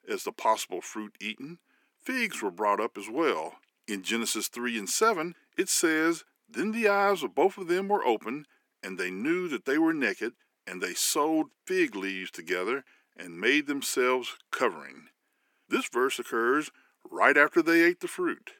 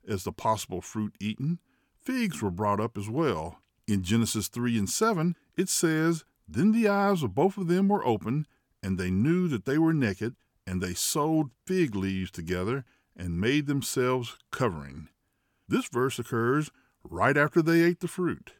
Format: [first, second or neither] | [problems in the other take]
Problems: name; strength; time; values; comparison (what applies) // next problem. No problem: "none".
second | thin; somewhat; fading below 300 Hz